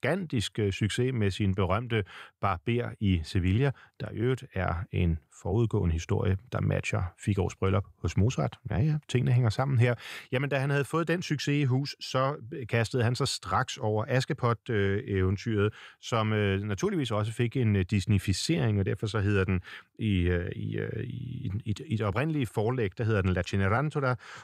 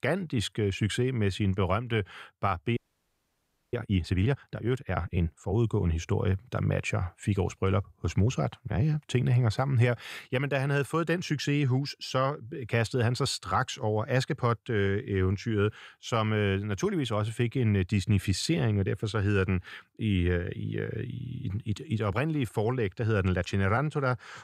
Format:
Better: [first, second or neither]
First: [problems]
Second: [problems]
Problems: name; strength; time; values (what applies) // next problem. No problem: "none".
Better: first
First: none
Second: audio freezing; at 3 s for 1 s